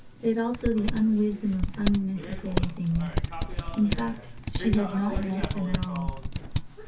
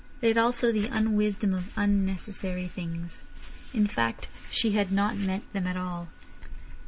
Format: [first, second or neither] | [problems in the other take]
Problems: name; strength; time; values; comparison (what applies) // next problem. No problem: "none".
second | background sound (Typing); 2 dB below the speech // room echo; dies away in 0.3 s